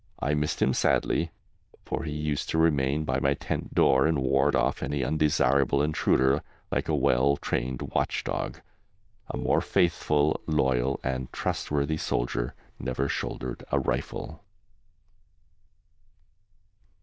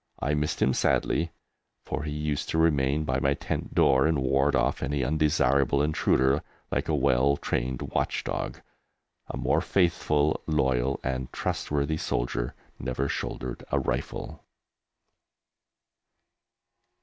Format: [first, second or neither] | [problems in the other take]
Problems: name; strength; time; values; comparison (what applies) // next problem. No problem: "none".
second | noise reduction (neural diffusion model UNIVERSE++)